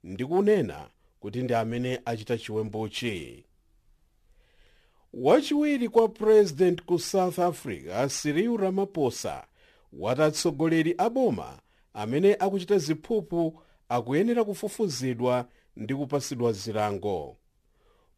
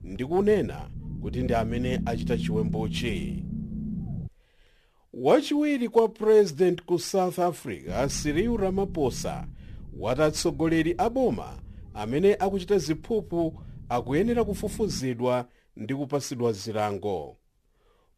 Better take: first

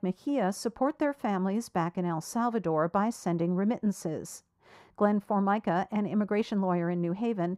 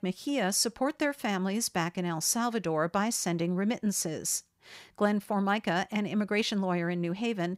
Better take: second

